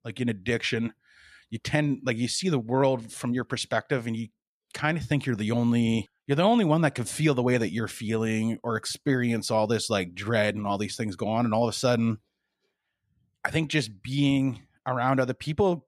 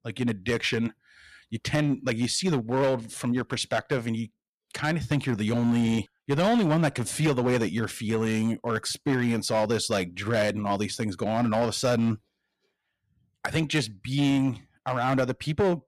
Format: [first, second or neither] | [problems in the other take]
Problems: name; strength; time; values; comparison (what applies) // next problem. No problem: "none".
first | distortion; slight; 6% of the sound clipped